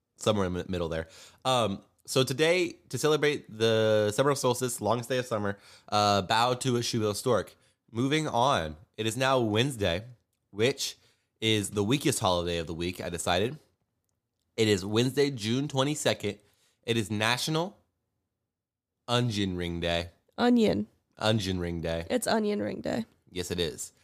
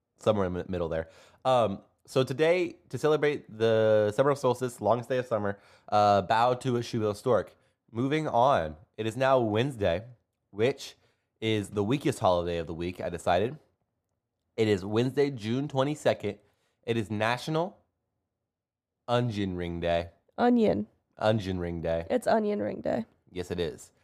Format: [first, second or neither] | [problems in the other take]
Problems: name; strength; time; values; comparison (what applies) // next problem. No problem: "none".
first | muffled; slightly; fading above 3 kHz